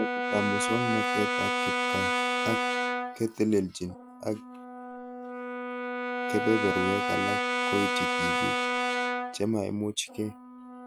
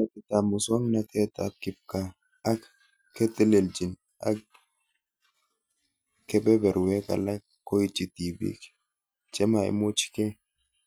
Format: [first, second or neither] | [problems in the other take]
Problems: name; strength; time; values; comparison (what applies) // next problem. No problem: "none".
second | background sound (Brass instrument); 2 dB above the speech